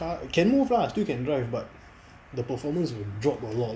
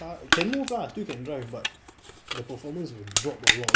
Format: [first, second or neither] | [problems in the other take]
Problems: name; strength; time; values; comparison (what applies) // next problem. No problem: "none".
first | background sound (Crushing); 5 dB above the speech